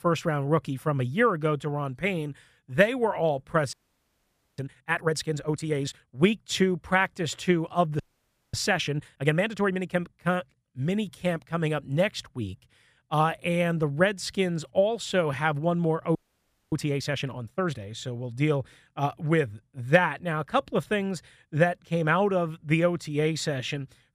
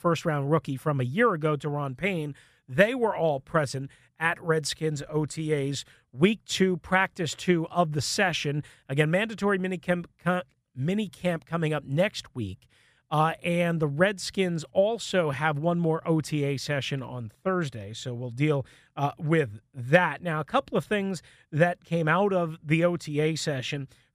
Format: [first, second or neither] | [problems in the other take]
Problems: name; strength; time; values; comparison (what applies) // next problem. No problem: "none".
second | audio freezing; at 3.5 s for 1 s, at 8 s for 0.5 s and at 16 s for 0.5 s